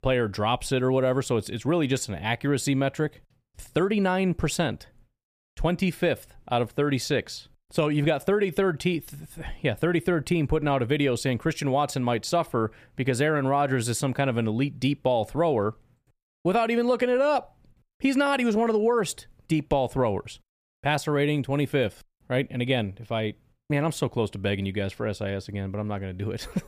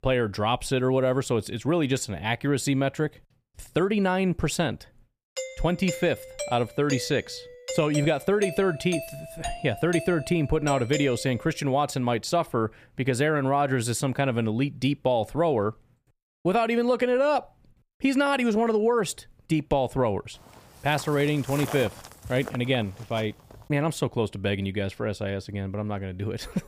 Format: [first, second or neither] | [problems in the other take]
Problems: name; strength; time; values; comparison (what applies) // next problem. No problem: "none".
first | doorbell; noticeable; from 5.5 to 11 s; peak 7 dB below the speech // footsteps; noticeable; from 20 to 24 s; peak 8 dB below the speech